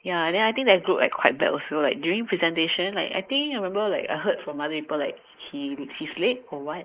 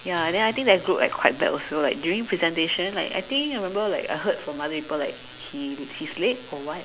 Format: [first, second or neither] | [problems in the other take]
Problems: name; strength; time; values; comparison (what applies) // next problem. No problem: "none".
second | noise reduction (neural mask model Resemble Enhance denoiser)